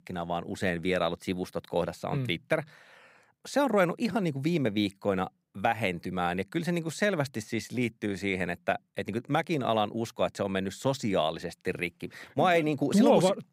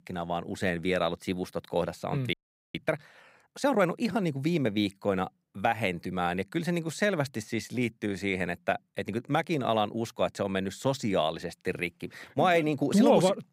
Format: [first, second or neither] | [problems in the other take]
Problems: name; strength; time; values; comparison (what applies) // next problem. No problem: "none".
first | audio freezing; at 2.5 s